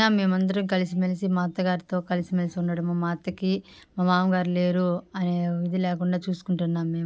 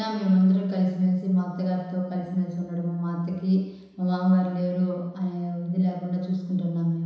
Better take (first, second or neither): first